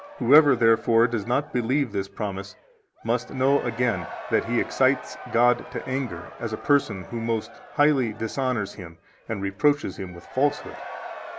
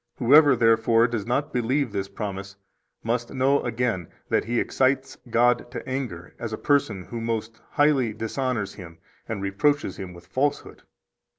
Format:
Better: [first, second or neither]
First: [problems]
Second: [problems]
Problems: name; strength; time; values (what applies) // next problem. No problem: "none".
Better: second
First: background sound (Crowd / Cheering); 16 dB below the speech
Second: none